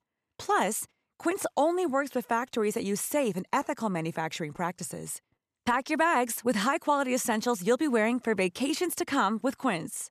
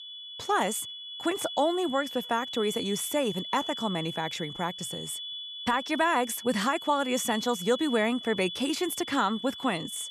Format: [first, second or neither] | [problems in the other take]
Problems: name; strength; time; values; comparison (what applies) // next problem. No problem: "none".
first | high-pitched whine; loud; throughout; 3.5 kHz, 8 dB below the speech